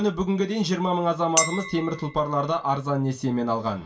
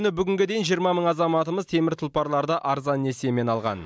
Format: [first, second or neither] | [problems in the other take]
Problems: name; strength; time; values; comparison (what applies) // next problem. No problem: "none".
second | background sound (Chink, clink); 8 dB below the speech // room echo; dies away in 0.2 s